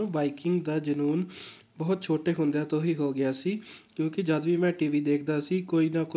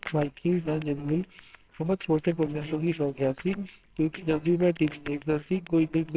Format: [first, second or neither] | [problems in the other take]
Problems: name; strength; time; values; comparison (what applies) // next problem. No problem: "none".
first | noise reduction (neural separator model SepFormer WHAMR!)